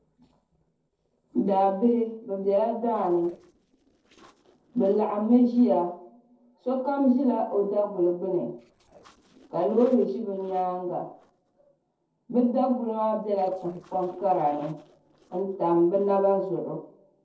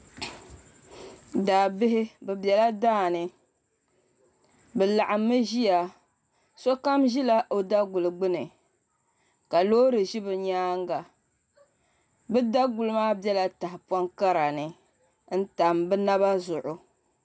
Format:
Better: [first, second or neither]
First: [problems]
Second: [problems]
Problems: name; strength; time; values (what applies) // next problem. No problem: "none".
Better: second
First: noise reduction (neural separator model SepFormer DNS4)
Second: none